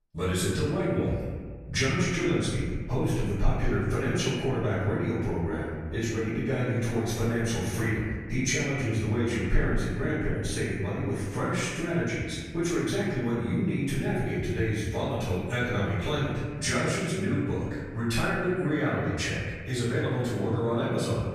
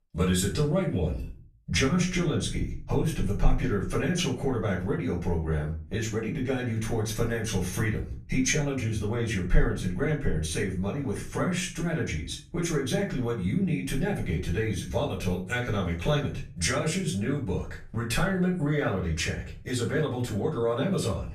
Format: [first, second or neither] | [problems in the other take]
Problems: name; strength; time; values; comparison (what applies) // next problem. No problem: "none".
second | room echo; strong; dies away in 1.5 s; slight in the second // off-mic speech; far; far in the second